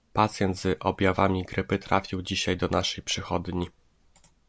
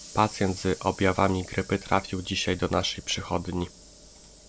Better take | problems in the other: first | background sound (Sliding door / Hiss); 19 dB below the speech

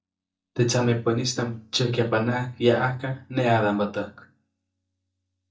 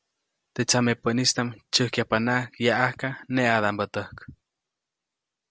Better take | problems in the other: second | noise reduction (neural mask model DeepFilterNet 3)

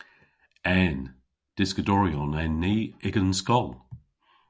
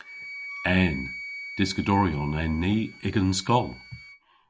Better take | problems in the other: first | background sound (Wind instrument, woodwind instrument); 14 dB below the speech

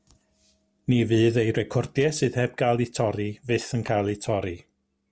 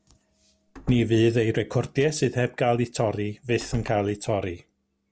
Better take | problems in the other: first | background sound (Slam); 18 dB below the speech

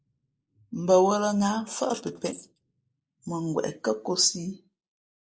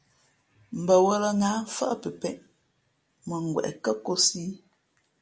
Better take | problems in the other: second | noise reduction (neural mask model Resemble Enhance denoiser)

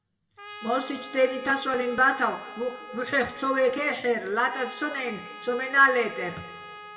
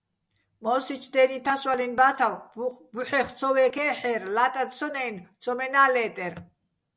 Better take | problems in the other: second | background sound (Trumpet); 16 dB below the speech // room echo; dies away in 1.2 s

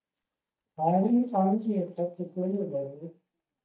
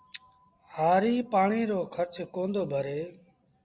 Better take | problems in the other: second | noise reduction (neural mask model DeepFilterNet 3)

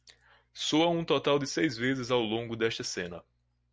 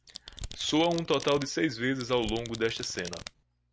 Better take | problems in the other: first | background sound (Domestic sounds, home sounds); 13 dB below the speech

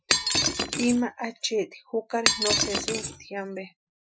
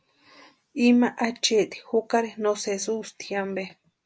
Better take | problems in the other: second | noise reduction (classical method Wiener filter)

